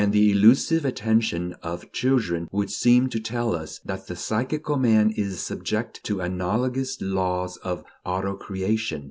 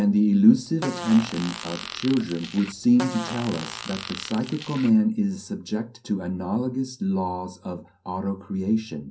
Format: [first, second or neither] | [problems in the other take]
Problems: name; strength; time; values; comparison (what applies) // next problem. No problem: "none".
first | background sound (Fart); 12 dB below the speech // room echo; dies away in 0.3 s